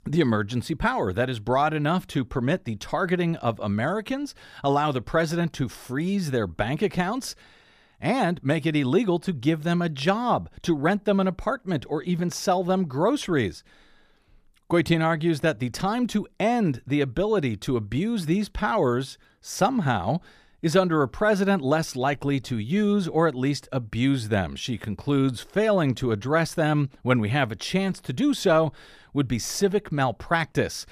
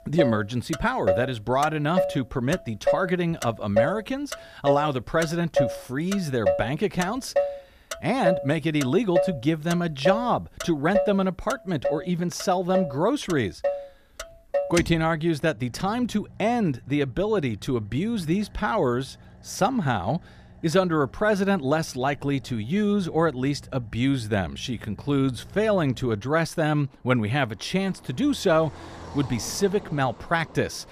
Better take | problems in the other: first | traffic noise; loud; throughout; 4 dB below the speech

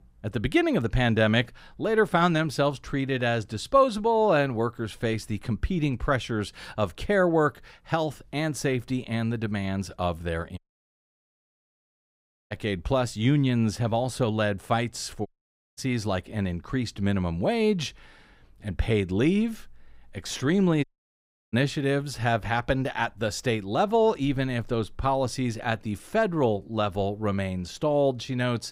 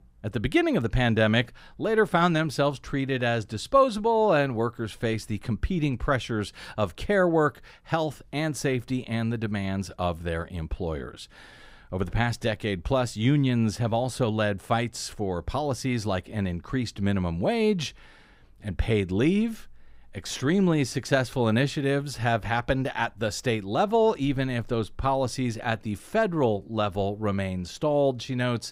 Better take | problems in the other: second | audio cutting out; at 11 s for 2 s, at 15 s for 0.5 s and at 21 s for 0.5 s

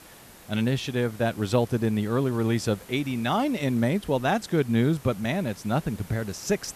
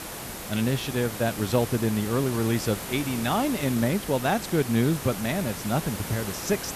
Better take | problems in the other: first | hiss; loud; throughout; 8 dB below the speech; faint in the first

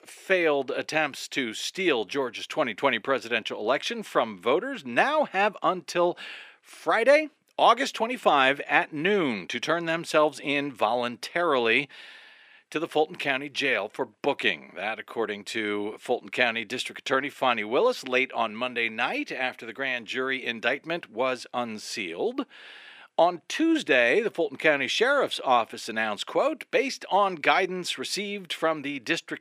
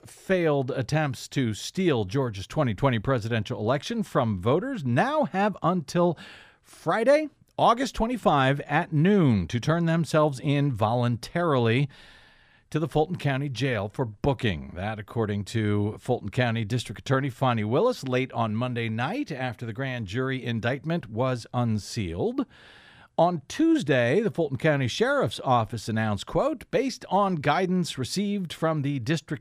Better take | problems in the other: second | thin; somewhat; fading below 300 Hz

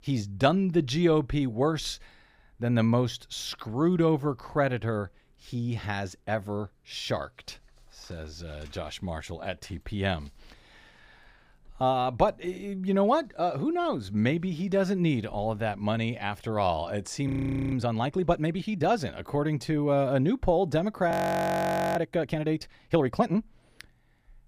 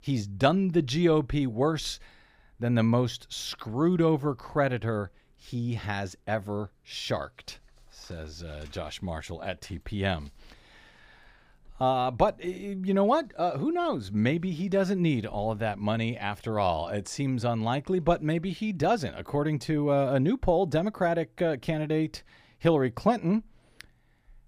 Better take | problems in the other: second | audio freezing; at 17 s and at 21 s for 1 s

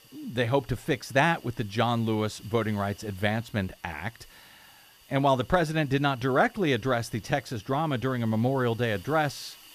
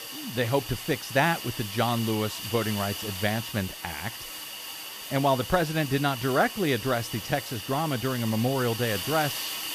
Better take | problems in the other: first | hiss; loud; throughout; 7 dB below the speech; faint in the first

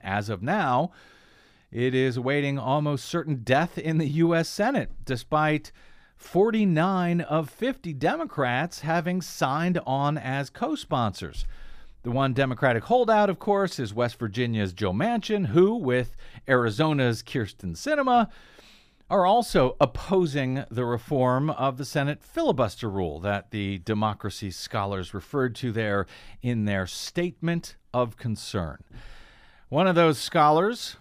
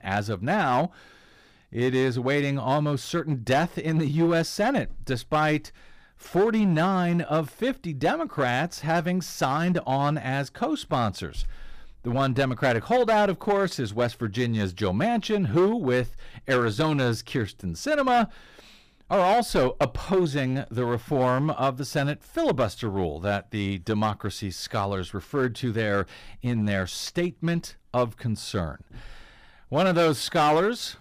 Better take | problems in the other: first | distortion; slight; 6% of the sound clipped

